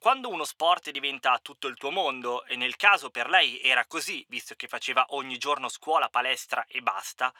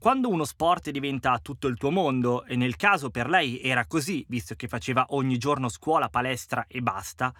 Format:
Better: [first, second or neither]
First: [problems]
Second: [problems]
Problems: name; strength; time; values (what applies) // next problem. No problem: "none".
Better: second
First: thin; very; fading below 650 Hz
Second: none